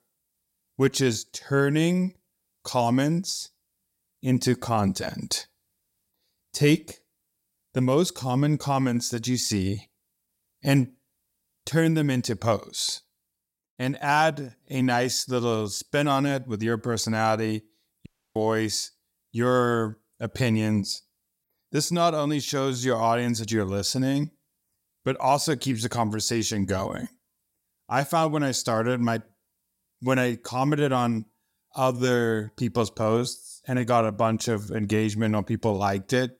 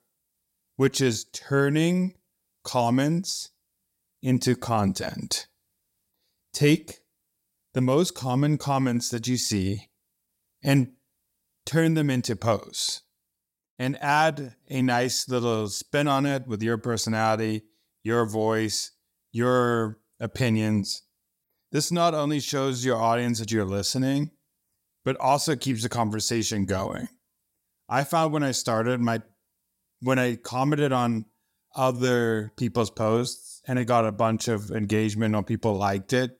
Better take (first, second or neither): second